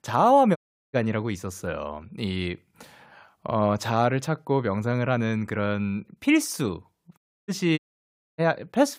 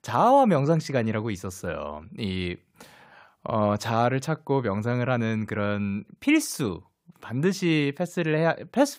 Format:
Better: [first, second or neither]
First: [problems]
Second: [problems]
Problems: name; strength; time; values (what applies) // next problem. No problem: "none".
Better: second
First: audio cutting out; at 0.5 s, at 7 s and at 8 s for 0.5 s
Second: none